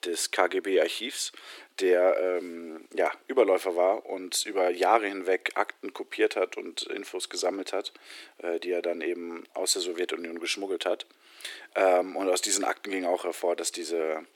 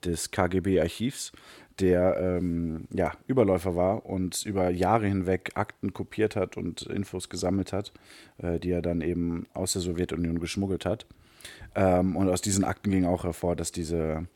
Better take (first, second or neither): second